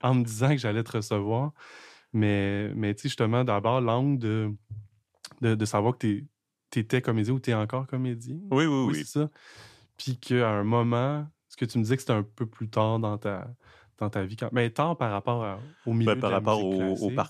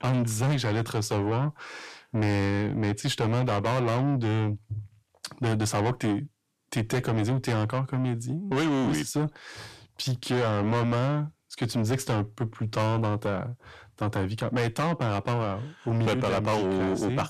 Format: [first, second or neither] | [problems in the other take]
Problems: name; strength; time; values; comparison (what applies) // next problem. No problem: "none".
first | distortion; heavy; 7 dB below the speech